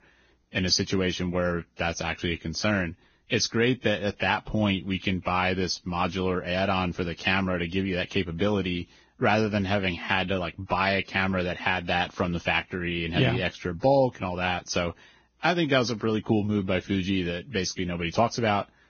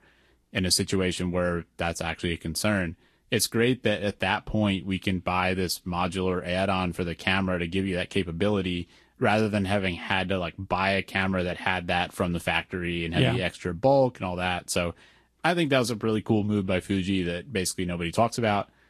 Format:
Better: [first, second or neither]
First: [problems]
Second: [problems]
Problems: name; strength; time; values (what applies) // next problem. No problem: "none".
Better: second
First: garbled, watery; badly; nothing above 6.5 kHz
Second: garbled, watery; slightly; nothing above 12.5 kHz